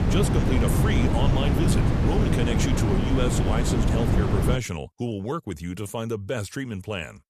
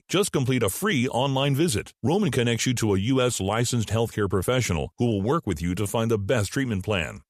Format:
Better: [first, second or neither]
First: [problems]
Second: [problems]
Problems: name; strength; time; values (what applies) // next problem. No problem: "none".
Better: second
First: wind noise on the microphone; heavy; until 4.5 s; 1 dB above the speech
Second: none